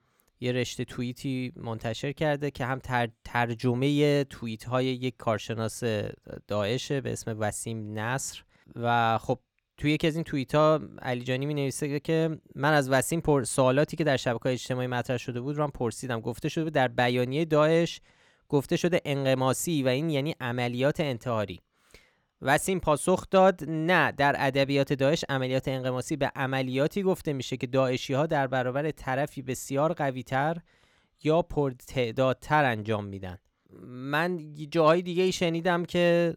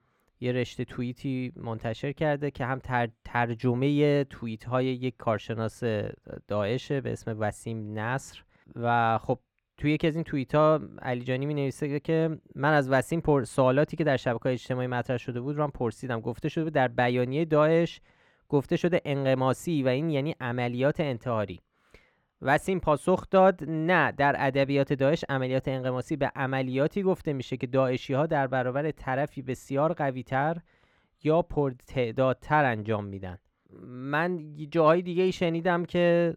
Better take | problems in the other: first | muffled; slightly; fading above 3.5 kHz

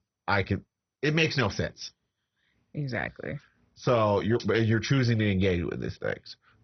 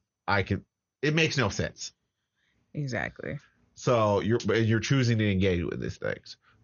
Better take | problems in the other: second | garbled, watery; badly; nothing above 6 kHz; slightly in the second

